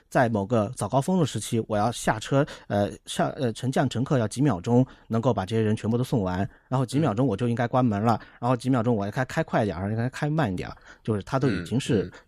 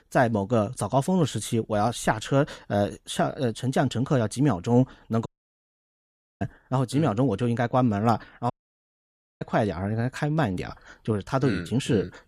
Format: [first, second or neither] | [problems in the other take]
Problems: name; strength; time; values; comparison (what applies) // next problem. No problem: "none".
first | audio cutting out; at 5.5 s for 1 s and at 8.5 s for 1 s